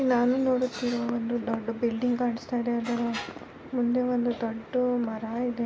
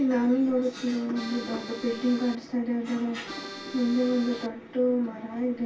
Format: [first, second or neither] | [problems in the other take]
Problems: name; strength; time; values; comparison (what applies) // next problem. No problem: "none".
first | background sound (Accordion); 13 dB below the speech // room echo; dies away in 0.2 s